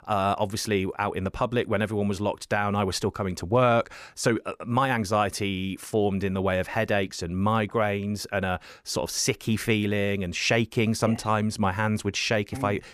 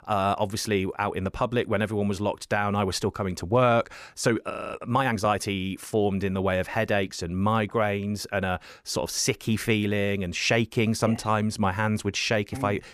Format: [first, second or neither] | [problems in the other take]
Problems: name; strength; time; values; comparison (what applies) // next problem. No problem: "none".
first | audio freezing; at 4.5 s